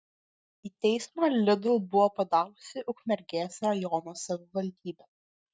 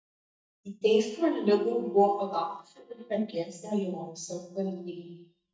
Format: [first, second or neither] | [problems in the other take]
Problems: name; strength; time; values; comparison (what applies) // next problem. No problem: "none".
first | noise reduction (neural mask model DeepFilterNet 3)